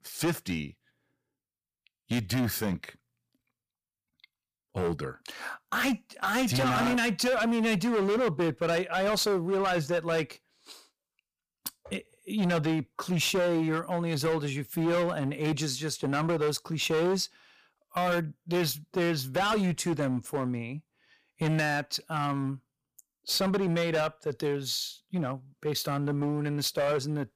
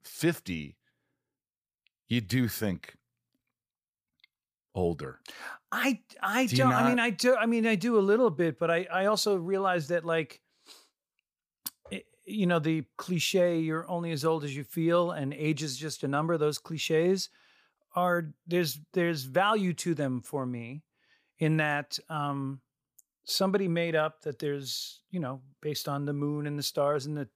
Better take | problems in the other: second | distortion; heavy; 14% of the sound clipped

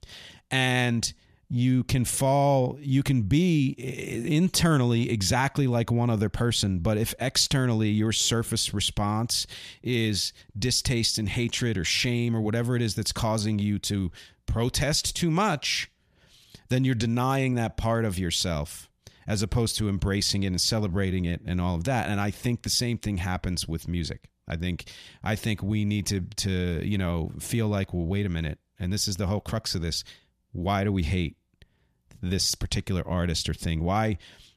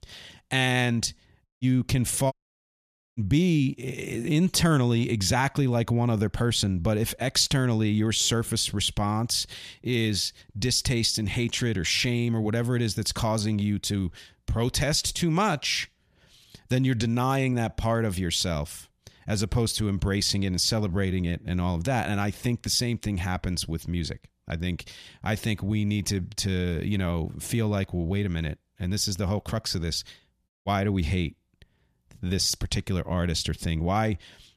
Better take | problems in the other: first | audio cutting out; at 1.5 s, at 2.5 s for 1 s and at 31 s

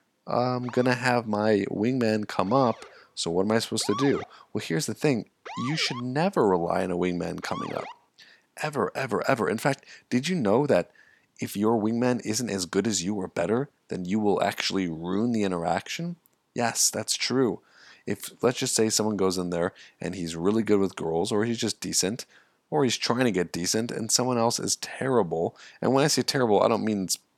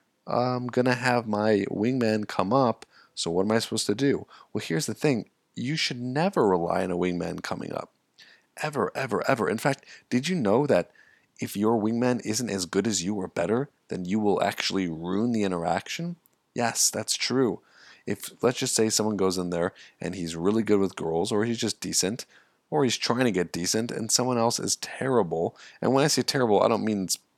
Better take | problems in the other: second | siren; noticeable; from 0.5 to 8 s; peak 8 dB below the speech

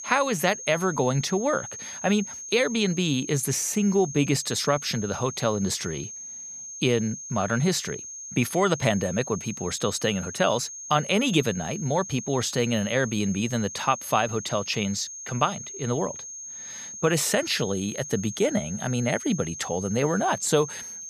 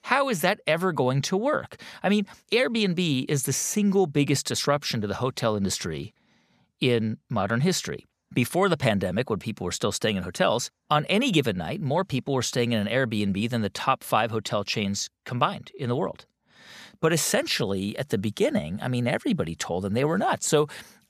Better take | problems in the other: second | high-pitched whine; loud; throughout; 6.5 kHz, 10 dB below the speech

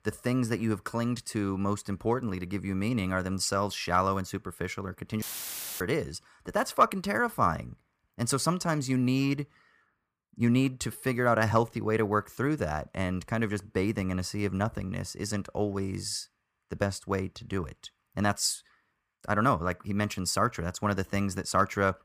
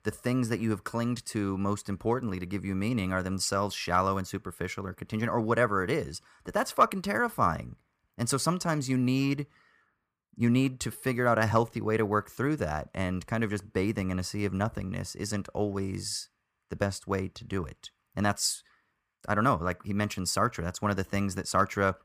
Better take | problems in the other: second | audio cutting out; filled with static; at 5 s for 0.5 s

